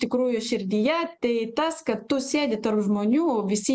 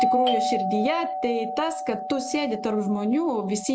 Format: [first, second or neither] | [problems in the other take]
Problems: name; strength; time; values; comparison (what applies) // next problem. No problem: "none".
first | background sound (Doorbell); 2 dB below the speech